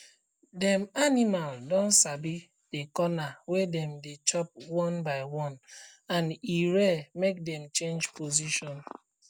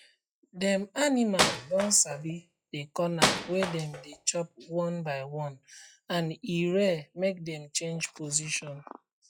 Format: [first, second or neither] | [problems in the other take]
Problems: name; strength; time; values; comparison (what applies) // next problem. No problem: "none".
first | noise reduction (classical method log-MMSE)